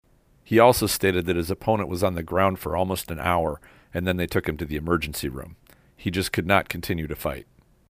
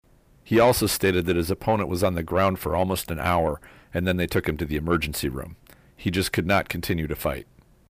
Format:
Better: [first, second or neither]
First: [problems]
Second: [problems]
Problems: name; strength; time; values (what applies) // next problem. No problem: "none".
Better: first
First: none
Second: distortion; slight; 10 dB below the speech